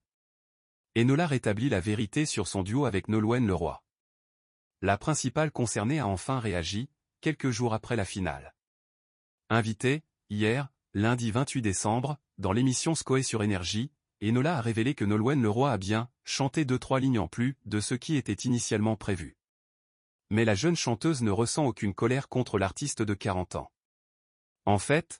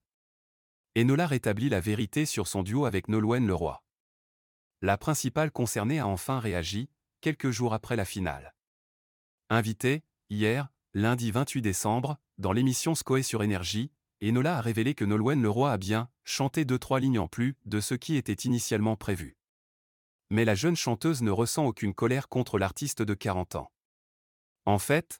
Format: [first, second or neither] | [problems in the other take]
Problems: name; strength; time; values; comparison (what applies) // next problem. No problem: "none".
second | garbled, watery; slightly; nothing above 10.5 kHz